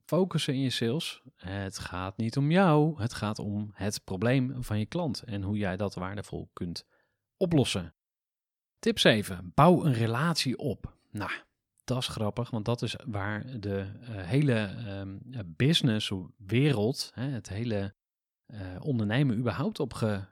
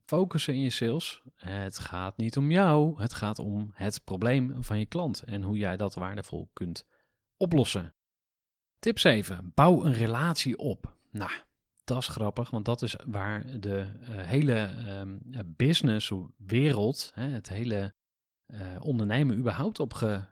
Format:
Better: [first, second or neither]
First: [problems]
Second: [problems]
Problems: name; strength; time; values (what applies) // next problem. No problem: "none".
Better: first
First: none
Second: garbled, watery; slightly